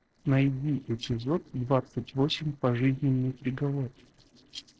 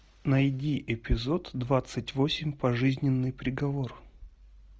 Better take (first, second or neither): second